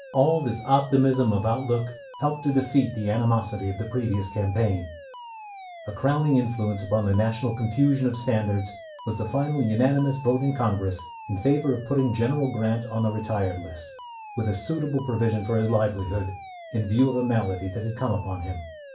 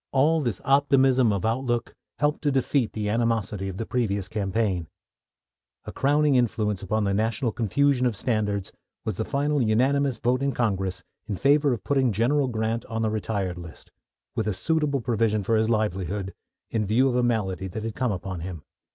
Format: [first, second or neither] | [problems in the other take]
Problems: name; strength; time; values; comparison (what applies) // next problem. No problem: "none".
second | background sound (Alarm); 16 dB below the speech // room echo; dies away in 0.3 s